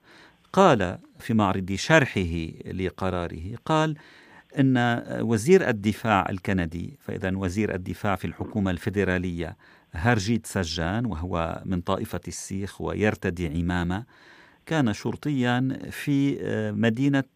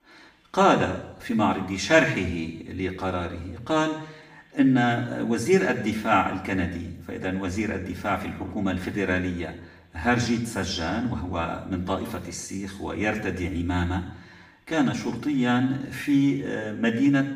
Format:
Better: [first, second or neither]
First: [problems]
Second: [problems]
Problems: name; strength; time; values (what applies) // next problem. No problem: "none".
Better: first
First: none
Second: room echo; slight; dies away in 0.7 s // off-mic speech; far